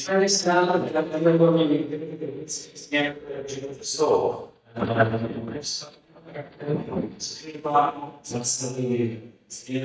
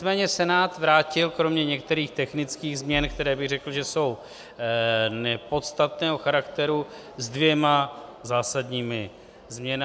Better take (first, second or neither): second